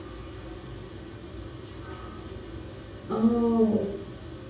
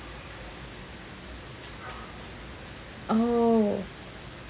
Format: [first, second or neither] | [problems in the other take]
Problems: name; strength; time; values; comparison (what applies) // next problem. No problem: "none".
second | room echo; dies away in 0.6 s